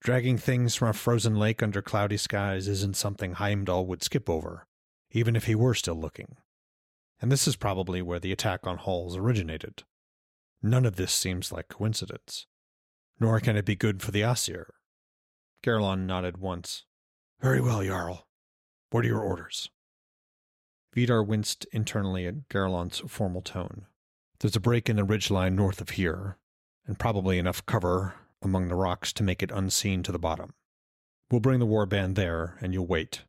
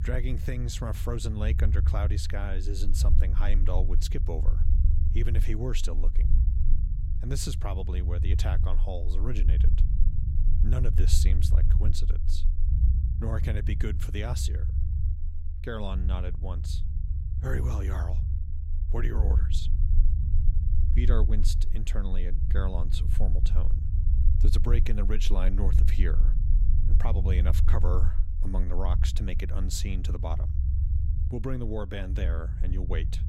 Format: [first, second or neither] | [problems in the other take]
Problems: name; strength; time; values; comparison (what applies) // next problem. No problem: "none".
first | low rumble; loud; throughout; 7 dB below the speech